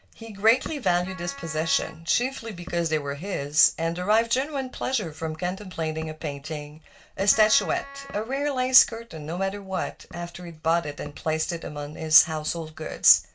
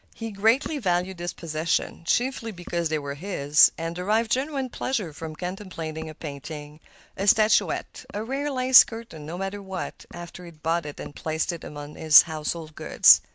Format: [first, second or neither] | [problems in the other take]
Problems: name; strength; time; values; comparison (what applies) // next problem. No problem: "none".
second | background sound (Wind instrument, woodwind instrument); 16 dB below the speech // room echo; dies away in 0.2 s